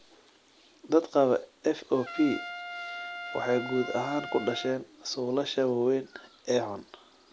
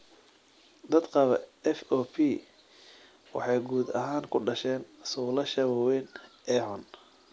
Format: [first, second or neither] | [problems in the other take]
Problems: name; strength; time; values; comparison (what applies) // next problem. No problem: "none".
second | background sound (Trumpet); 10 dB below the speech